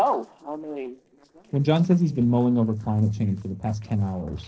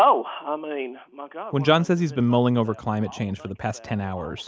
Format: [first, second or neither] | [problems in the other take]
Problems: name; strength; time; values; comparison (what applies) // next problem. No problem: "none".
second | noise reduction (neural separator model SepFormer DNS4)